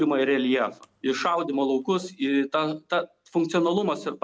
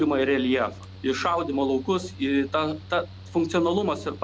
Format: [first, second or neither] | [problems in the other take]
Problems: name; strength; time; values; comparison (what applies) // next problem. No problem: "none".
first | background sound (Mechanical fan); 17 dB below the speech